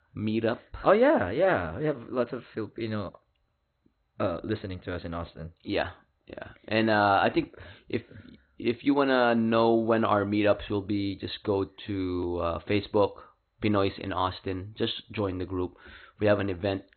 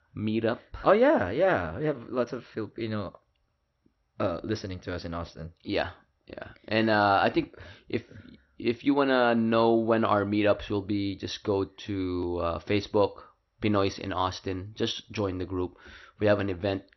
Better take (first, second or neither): second